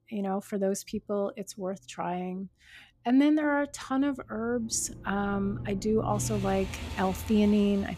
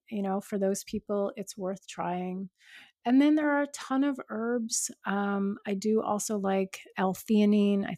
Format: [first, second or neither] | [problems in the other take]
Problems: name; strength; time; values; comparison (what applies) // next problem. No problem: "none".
second | traffic noise; noticeable; throughout; 10 dB below the speech